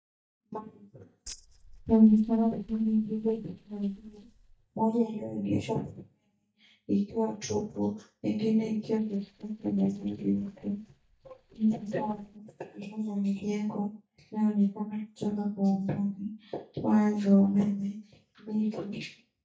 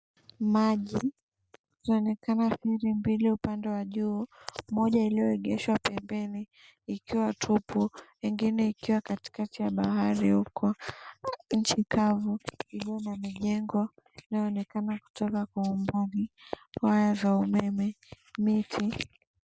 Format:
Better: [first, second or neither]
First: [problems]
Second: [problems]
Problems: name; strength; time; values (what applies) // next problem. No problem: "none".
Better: second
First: noise reduction (neural mask model DeepFilterNet 3)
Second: none